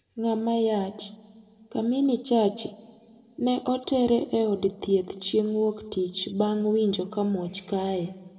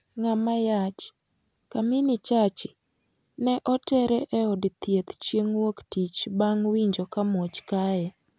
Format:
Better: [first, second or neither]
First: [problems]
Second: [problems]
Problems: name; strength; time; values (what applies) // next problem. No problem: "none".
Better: second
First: room echo; dies away in 1.2 s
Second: none